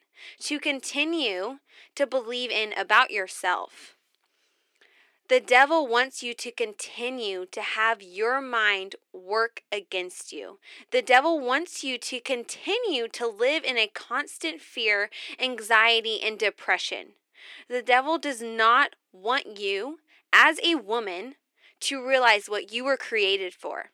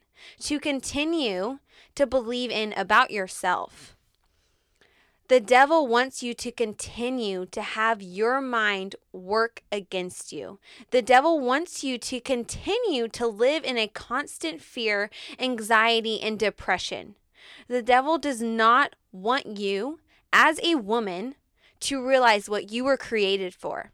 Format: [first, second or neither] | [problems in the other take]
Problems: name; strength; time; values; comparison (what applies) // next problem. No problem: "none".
second | thin; very slightly; fading below 300 Hz